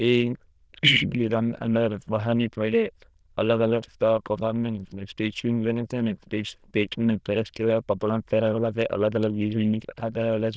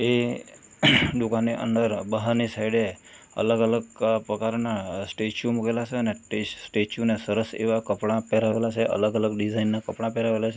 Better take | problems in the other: second | noise reduction (neural diffusion model UNIVERSE++)

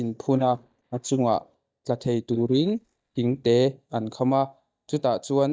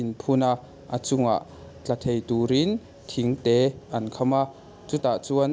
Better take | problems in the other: second | noise reduction (neural mask model DeepFilterNet 3)

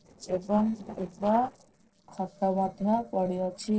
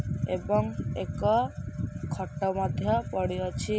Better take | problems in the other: second | noise reduction (neural separator model SepFormer DNS4)

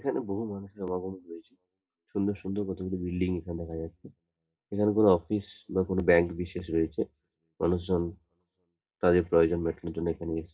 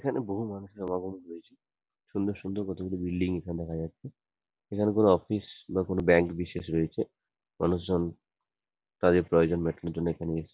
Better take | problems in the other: second | room echo; dies away in 0.3 s

